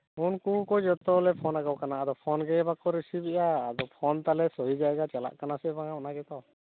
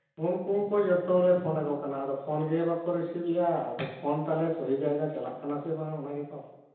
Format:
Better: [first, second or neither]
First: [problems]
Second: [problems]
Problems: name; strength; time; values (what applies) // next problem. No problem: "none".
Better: first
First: none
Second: room echo; dies away in 0.9 s